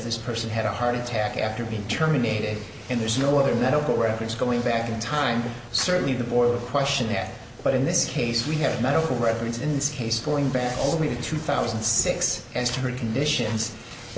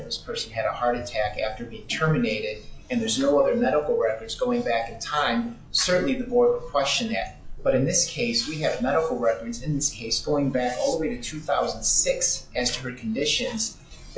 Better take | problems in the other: first | noise reduction (classical method log-MMSE)

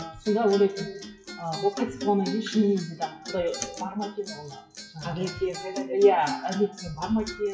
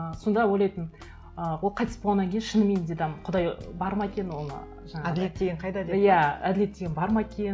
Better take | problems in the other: second | noise reduction (classical method WPE with log-MMSE)

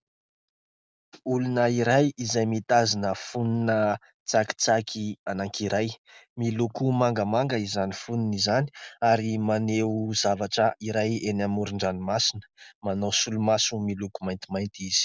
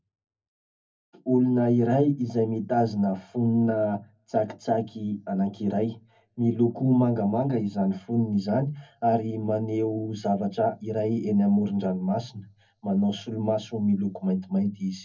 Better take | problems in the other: first | room echo; dies away in 0.3 s

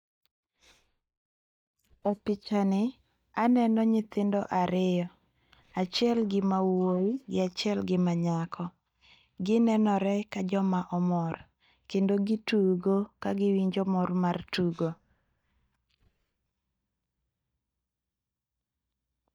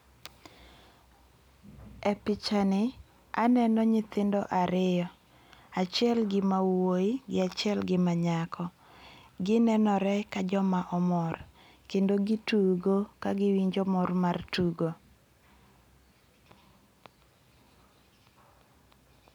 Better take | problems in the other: second | noise reduction (neural mask model DeepFilterNet 3)

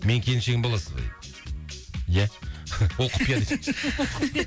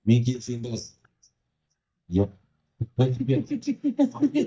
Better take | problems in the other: first | noise reduction (neural mask model DeepFilterNet 3)

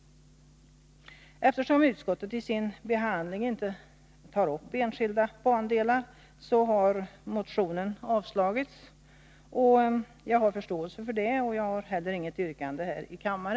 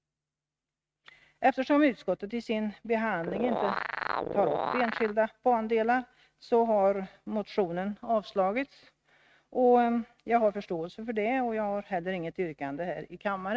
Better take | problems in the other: first | noise reduction (neural mask model RNNoise)

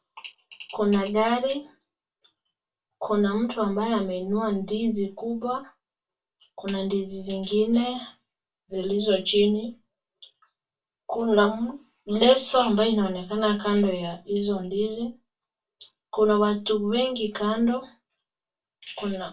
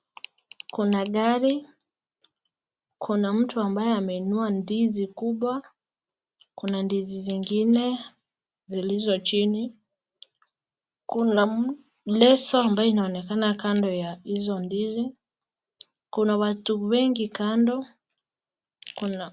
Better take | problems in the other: second | room echo; dies away in 0.2 s

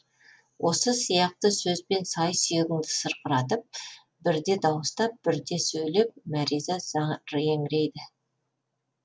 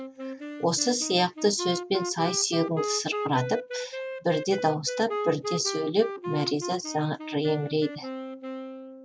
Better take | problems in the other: first | background sound (Wind instrument, woodwind instrument); 7 dB below the speech

